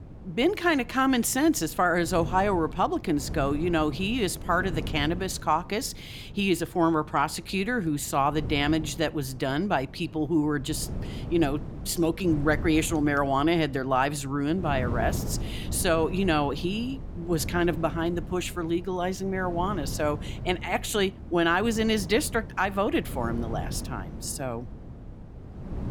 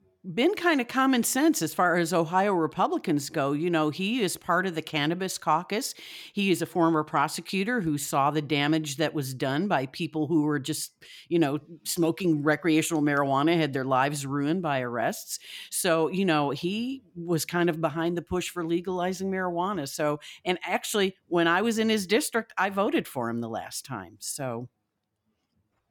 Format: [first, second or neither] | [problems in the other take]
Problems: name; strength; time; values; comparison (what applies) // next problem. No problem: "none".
second | wind noise on the microphone; occasional gusts; 20 dB below the speech